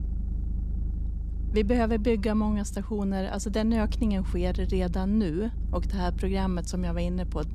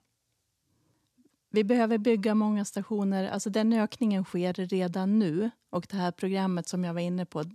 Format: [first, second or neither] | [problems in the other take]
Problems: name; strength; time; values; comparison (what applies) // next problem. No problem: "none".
second | low rumble; noticeable; throughout; 20 dB below the speech